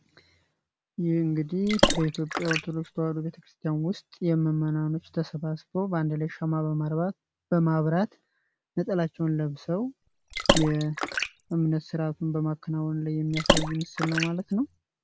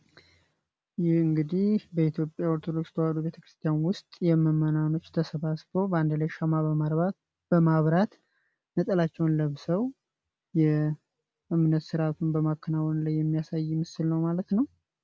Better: second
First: background sound (Water / Splash, splatter); as loud as the speech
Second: none

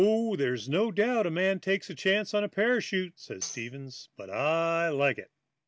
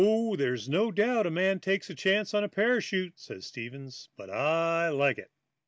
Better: second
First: background sound (Tambourine); 16 dB below the speech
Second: none

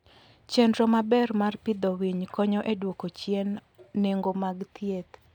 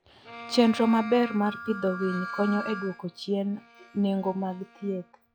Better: first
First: none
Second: noise reduction (classical method log-MMSE)

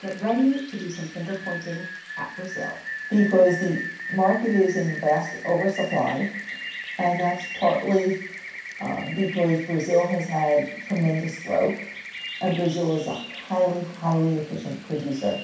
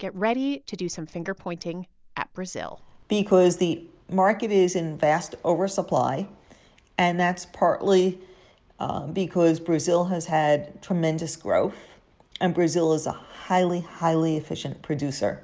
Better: second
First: background sound (Rain); 12 dB below the speech // room echo; dies away in 0.6 s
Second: none

